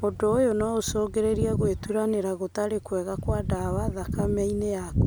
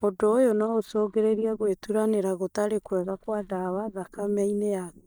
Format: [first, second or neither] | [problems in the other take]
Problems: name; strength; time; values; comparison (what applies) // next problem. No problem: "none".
first | noise reduction (neural mask model DeepFilterNet 3)